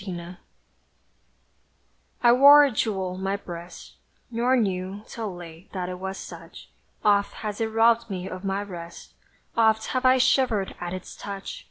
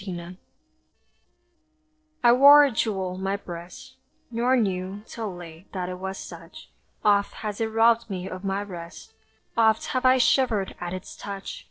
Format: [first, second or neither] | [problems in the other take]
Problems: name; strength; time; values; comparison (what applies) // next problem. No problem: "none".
first | noise reduction (neural separator model SepFormer DNS4)